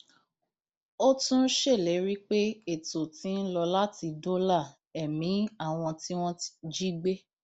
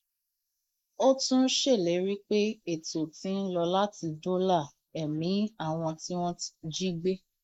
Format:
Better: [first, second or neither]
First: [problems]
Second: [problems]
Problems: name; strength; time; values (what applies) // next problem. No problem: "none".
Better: first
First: none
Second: noise reduction (neural mask model Resemble Enhance denoiser)